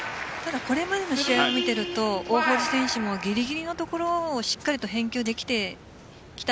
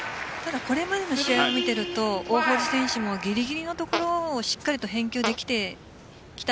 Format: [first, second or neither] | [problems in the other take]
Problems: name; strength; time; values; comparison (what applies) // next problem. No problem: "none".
first | background sound (Fart); 10 dB below the speech